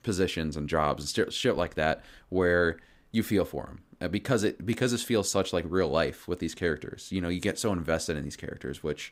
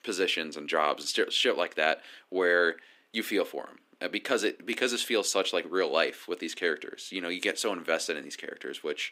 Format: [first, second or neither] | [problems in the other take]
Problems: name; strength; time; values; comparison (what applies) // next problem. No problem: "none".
first | thin; somewhat; fading below 300 Hz